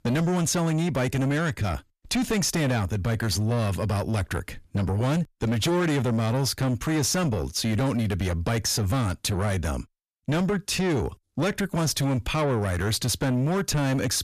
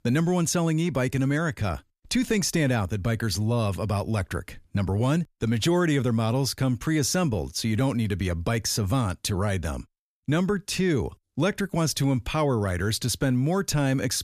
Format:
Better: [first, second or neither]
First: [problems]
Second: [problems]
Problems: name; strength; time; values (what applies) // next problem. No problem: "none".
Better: second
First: distortion; slight; 10 dB below the speech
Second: none